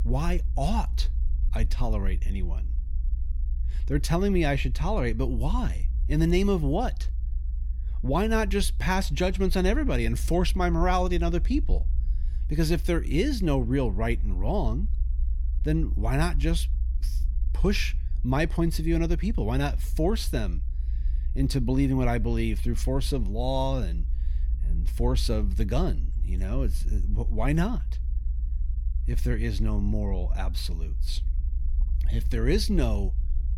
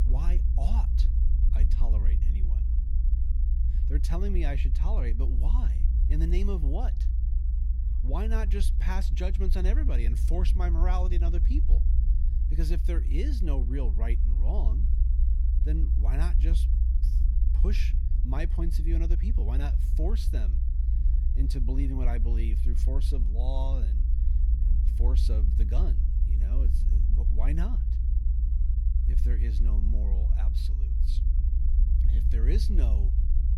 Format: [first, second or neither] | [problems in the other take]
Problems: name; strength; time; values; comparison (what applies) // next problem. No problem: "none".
first | low rumble; loud; throughout; 6 dB below the speech; faint in the first